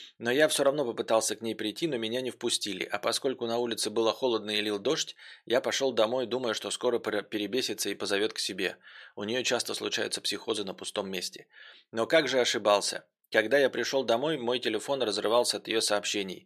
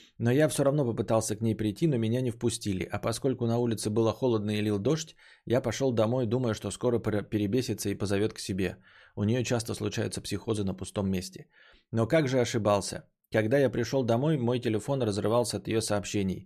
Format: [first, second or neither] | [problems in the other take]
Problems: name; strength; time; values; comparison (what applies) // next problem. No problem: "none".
second | thin; somewhat; fading below 400 Hz